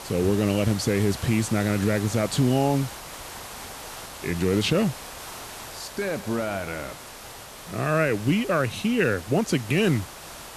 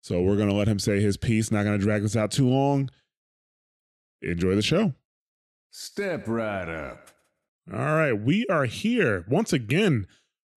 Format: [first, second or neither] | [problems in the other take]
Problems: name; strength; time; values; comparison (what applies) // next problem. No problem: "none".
second | hiss; noticeable; throughout; 15 dB below the speech